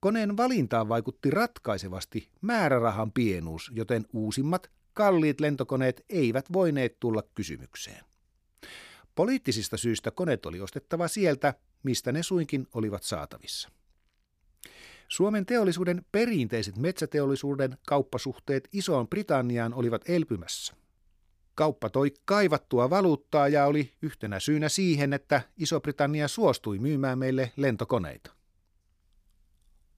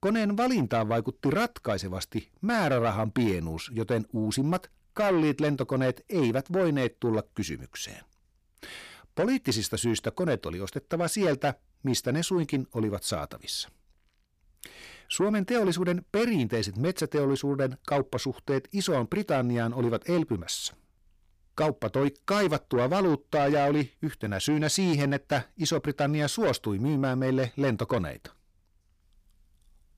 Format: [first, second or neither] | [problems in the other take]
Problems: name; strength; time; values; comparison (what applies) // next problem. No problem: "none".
first | distortion; slight; 10 dB below the speech